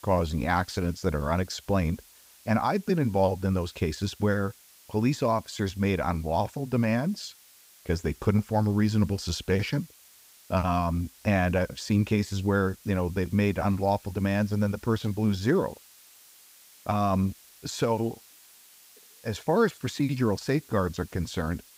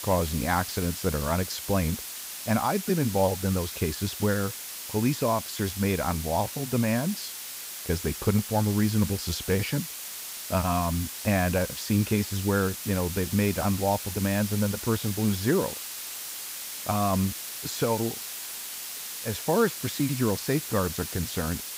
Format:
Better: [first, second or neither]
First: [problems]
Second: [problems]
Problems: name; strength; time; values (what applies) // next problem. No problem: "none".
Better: first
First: hiss; faint; throughout; 25 dB below the speech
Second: hiss; loud; throughout; 7 dB below the speech